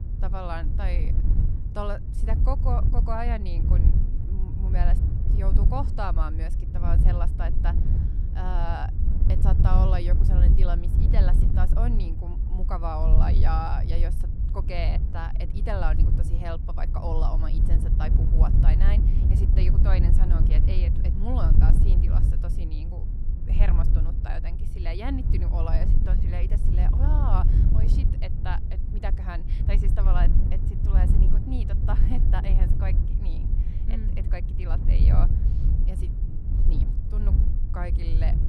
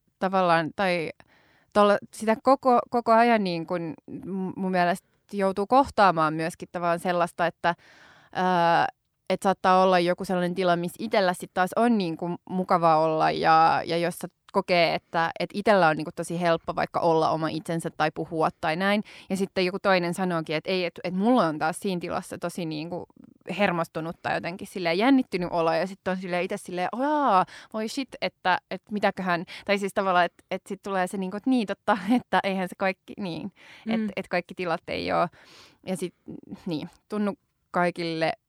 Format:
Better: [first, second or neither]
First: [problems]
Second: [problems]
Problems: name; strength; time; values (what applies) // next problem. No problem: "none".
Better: second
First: wind noise on the microphone; heavy; 5 dB below the speech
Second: none